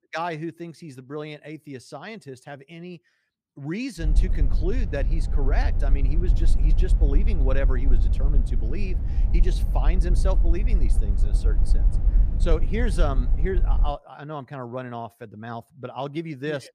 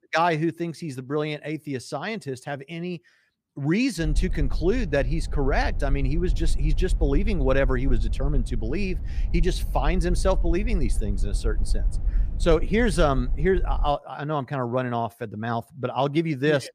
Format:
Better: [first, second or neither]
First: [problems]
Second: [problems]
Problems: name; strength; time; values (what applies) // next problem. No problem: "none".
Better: second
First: low rumble; loud; from 4 to 14 s; 10 dB below the speech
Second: low rumble; faint; from 4 to 14 s; 20 dB below the speech